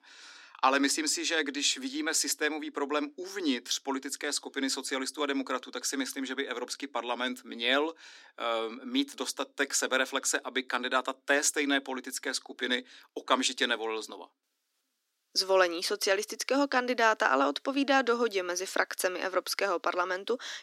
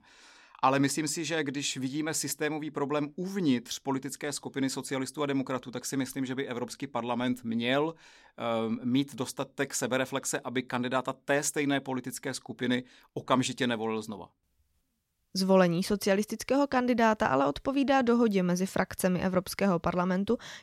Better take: second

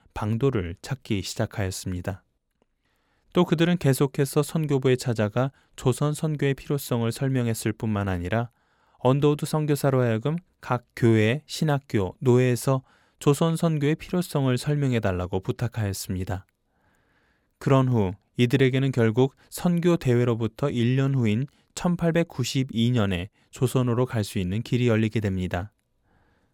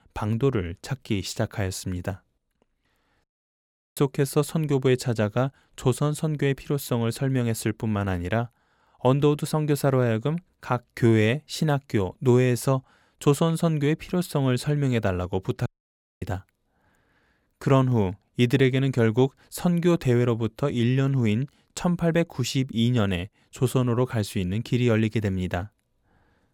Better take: first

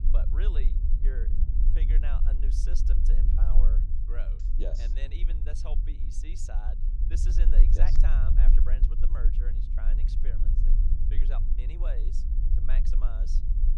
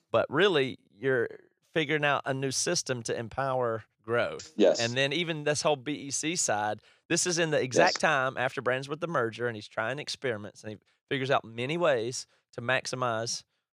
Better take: second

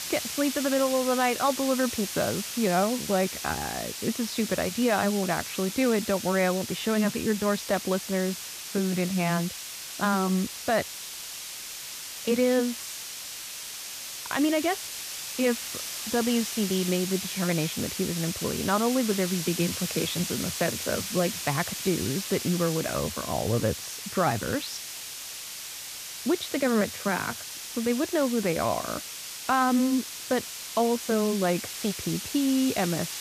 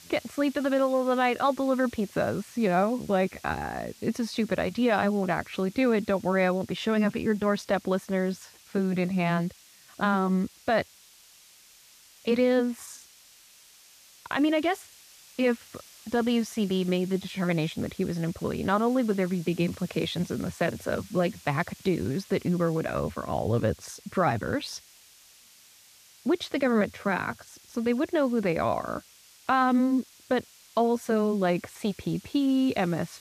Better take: second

